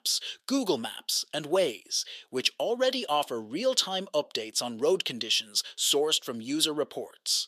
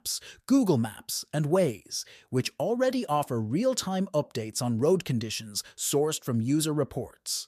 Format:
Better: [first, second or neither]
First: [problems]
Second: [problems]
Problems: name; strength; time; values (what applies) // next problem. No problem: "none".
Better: second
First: thin; somewhat; fading below 400 Hz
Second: none